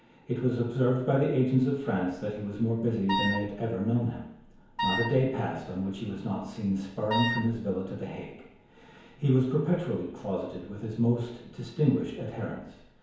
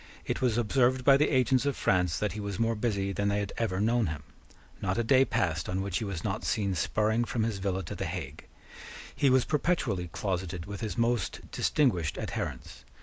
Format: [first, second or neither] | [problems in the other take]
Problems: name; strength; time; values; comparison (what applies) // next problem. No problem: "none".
second | background sound (Wind instrument, woodwind instrument); 3 dB below the speech // room echo; dies away in 1 s